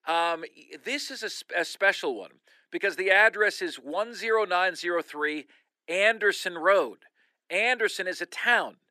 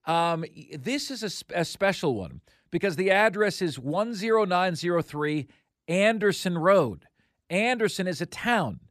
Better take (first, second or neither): second